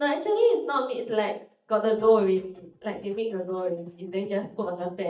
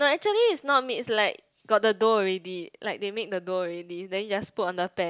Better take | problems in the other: second | noise reduction (neural mask model DeepFilterNet 3)

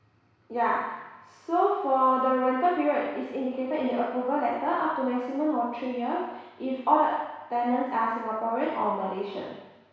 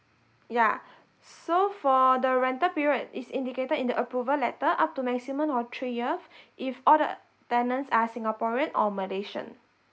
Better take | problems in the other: second | room echo; dies away in 1.1 s

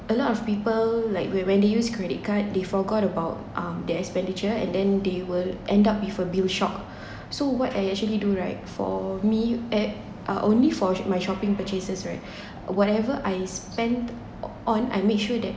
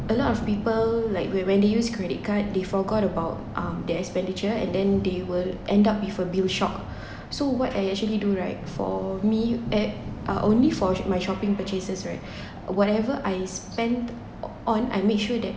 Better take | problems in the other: first | background sound (Thunder); 14 dB below the speech

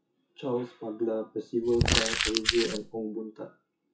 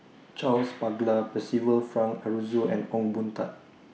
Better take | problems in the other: second | noise reduction (classical method WPE with log-MMSE)

